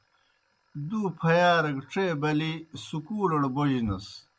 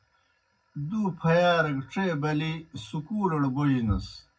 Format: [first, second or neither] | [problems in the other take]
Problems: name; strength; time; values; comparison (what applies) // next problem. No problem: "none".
first | room echo; dies away in 0.4 s